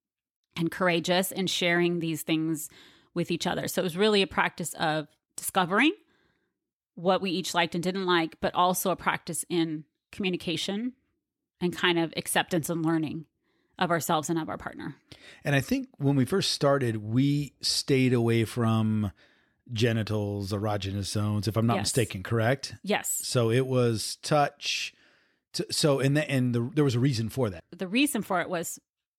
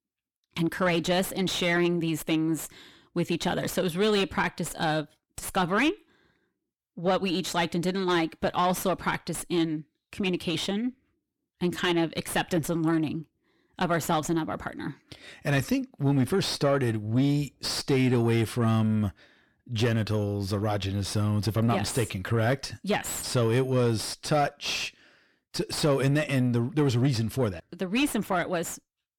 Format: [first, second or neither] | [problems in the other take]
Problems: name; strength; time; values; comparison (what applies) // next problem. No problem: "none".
first | distortion; slight; 10 dB below the speech